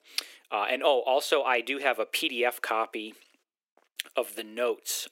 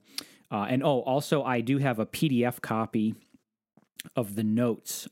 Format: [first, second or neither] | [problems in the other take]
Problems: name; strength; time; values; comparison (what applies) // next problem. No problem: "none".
second | thin; very; fading below 400 Hz